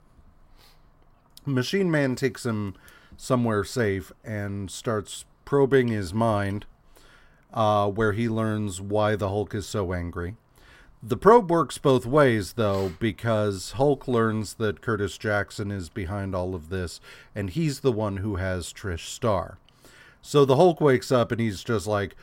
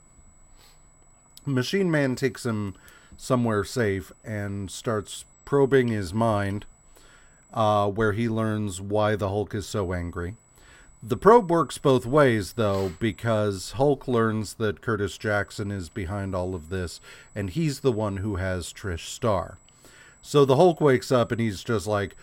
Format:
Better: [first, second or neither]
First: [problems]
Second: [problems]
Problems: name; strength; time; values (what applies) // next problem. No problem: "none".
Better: first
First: none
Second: high-pitched whine; faint; until 8 s, from 10 to 13 s and from 15 s on; 8 kHz, 30 dB below the speech